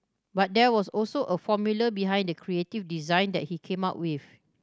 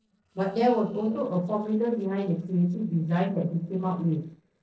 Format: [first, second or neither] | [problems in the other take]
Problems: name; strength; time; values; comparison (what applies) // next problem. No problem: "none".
first | noise reduction (neural separator model SepFormer DNS4)